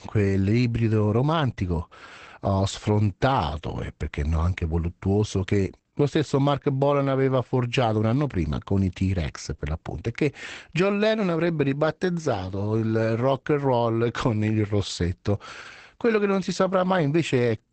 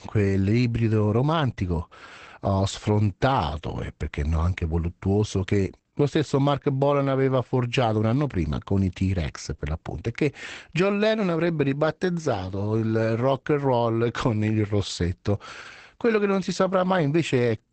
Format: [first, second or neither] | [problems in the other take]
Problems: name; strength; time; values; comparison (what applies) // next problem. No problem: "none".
neither | garbled, watery; badly; nothing above 8 kHz; the same in both